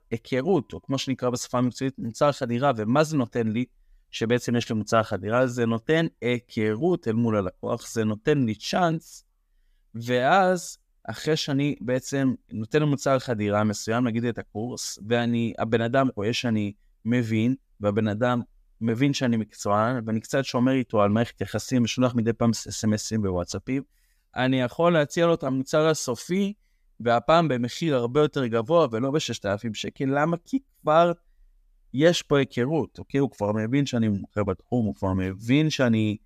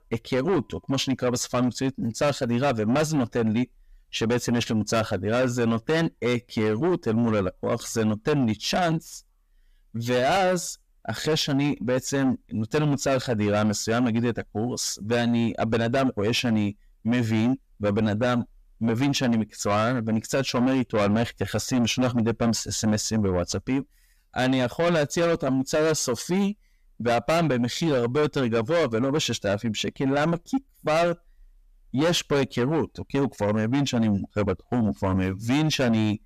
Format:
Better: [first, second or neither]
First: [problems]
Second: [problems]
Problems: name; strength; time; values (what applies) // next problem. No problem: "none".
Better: first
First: none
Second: distortion; heavy; 7 dB below the speech